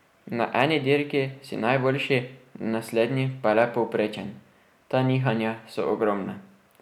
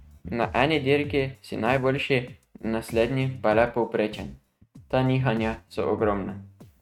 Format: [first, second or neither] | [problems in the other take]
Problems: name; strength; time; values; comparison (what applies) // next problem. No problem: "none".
first | noise reduction (neural mask model RNNoise)